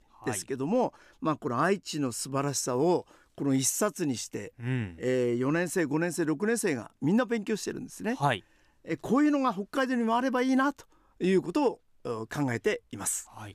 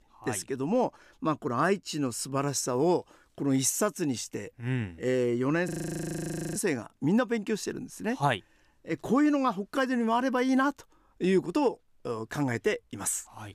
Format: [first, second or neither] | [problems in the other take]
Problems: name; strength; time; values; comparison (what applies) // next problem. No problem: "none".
first | audio freezing; at 5.5 s for 1 s